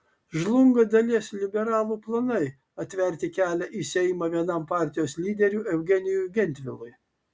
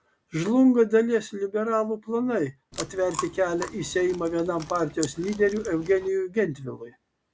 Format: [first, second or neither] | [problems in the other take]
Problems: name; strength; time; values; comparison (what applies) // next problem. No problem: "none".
first | background sound (Chewing, mastication); 14 dB below the speech